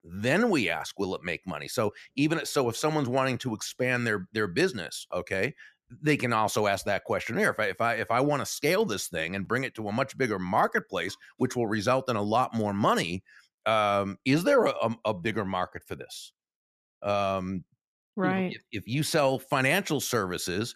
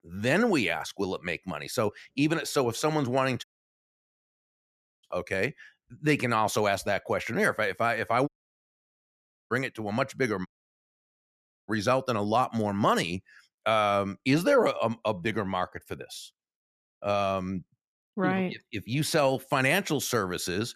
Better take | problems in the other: first | audio cutting out; at 3.5 s for 1.5 s, at 8.5 s for 1 s and at 10 s for 1 s

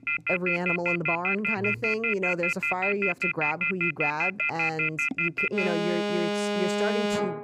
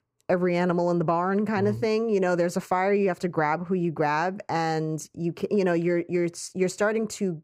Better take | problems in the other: second | alarms or sirens; very loud; throughout; 5 dB above the speech

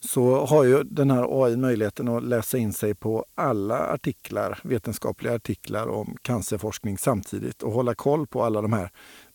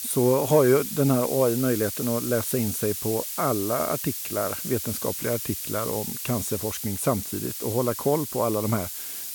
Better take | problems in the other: first | hiss; loud; throughout; 5 dB below the speech; faint in the first

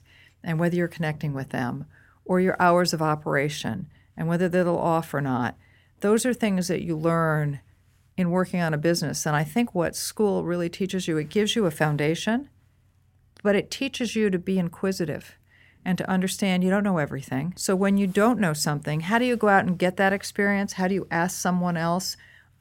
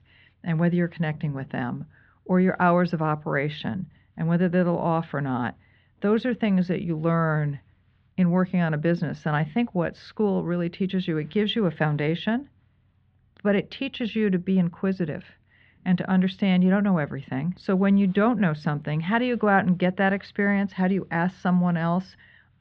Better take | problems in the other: first | muffled; very; fading above 4 kHz

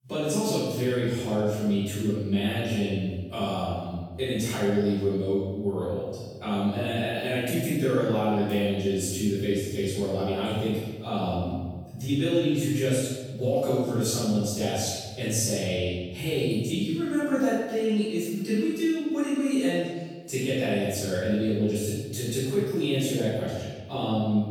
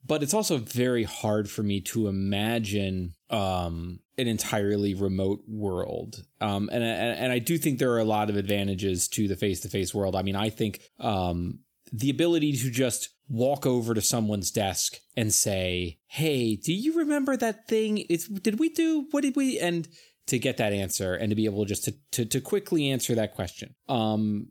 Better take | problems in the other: second | off-mic speech; far // room echo; strong; dies away in 1.2 s

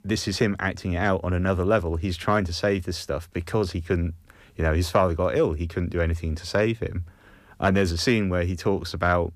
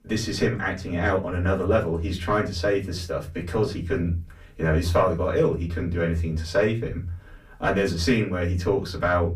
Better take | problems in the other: first | off-mic speech; far // room echo; very slight; dies away in 0.3 s

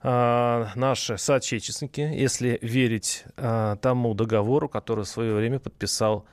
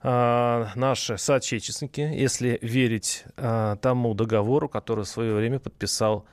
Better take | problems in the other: neither | none

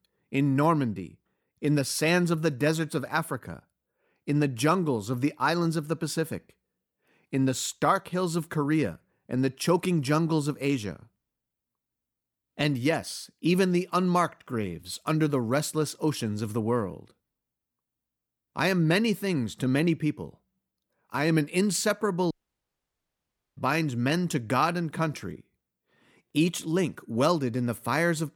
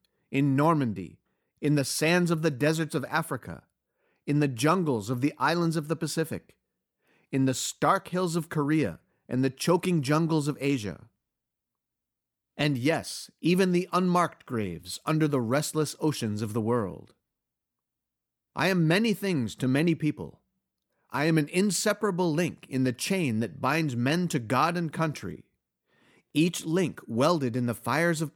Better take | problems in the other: second | audio cutting out; at 22 s for 1.5 s

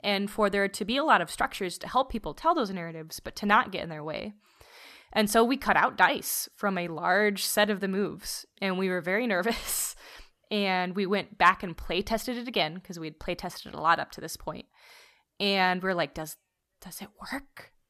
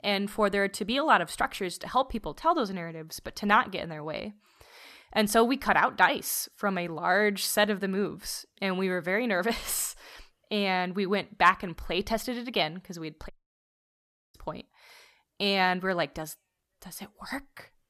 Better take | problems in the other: first | audio cutting out; at 13 s for 1 s

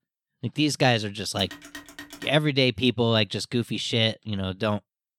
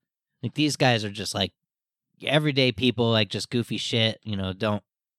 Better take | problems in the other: second | phone ringing; faint; at 1.5 s; peak 15 dB below the speech

